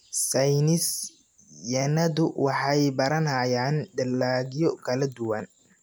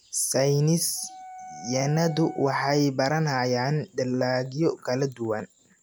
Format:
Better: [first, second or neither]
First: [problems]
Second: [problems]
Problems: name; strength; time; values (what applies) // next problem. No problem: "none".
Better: first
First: none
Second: background sound (Wind instrument, woodwind instrument); 17 dB below the speech